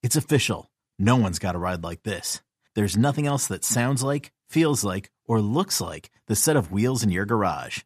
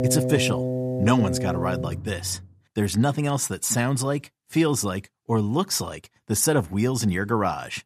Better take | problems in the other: first | background music; loud; until 2 s; 3 dB below the speech

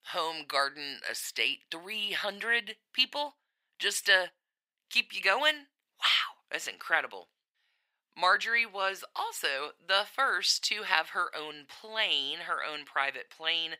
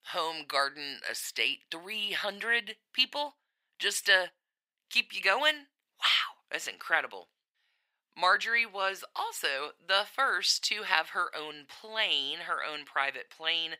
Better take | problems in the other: neither | thin; very; fading below 650 Hz; the same in both

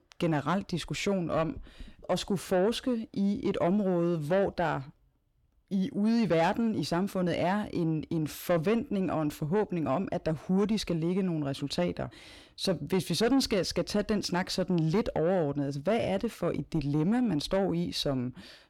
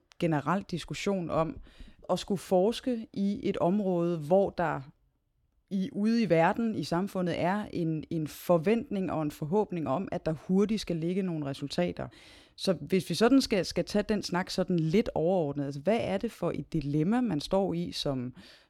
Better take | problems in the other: second | distortion; slight; 10 dB below the speech

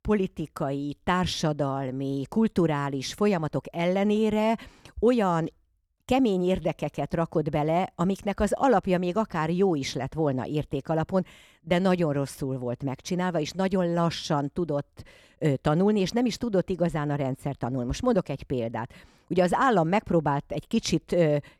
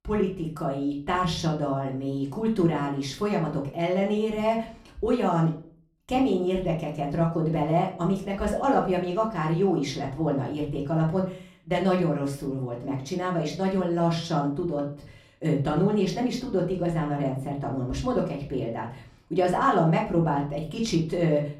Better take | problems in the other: first | off-mic speech; far // room echo; slight; dies away in 0.4 s

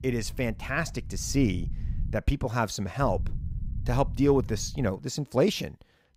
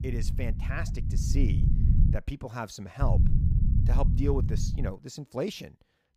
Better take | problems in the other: first | low rumble; loud; until 2 s and from 3 to 5 s; 5 dB below the speech; faint in the first

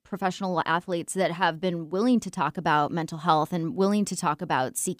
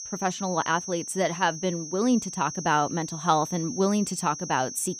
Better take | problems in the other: first | high-pitched whine; loud; throughout; 6 kHz, 9 dB below the speech

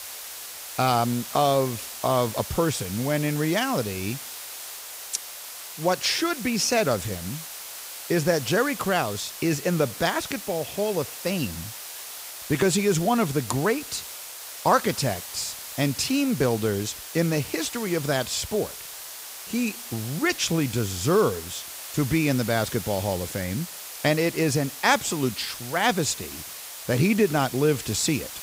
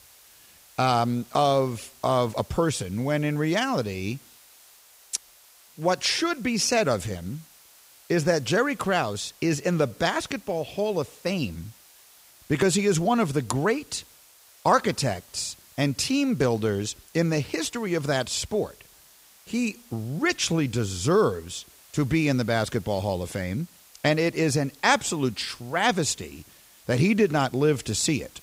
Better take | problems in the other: second | hiss; loud; throughout; 10 dB below the speech; faint in the second

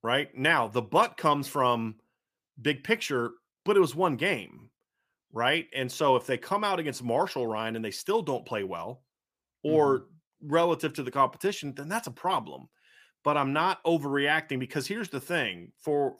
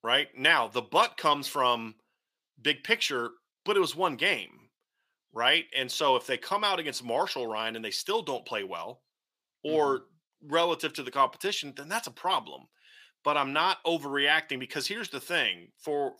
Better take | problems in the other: first | thin; very slightly; fading below 500 Hz

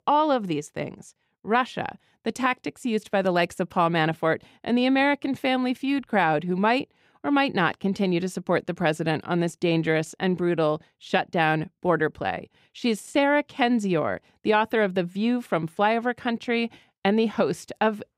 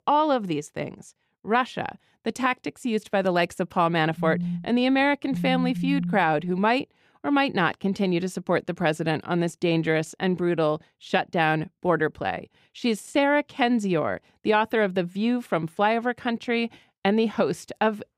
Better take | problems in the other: first | phone ringing; noticeable; from 4 to 6 s; peak 4 dB below the speech

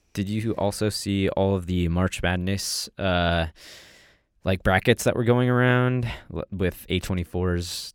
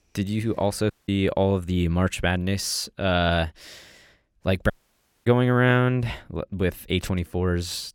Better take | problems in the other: first | audio cutting out; at 1 s and at 4.5 s for 0.5 s

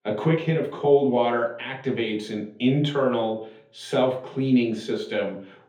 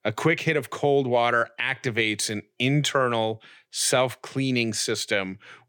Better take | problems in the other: second | room echo; noticeable; dies away in 0.5 s // off-mic speech; far

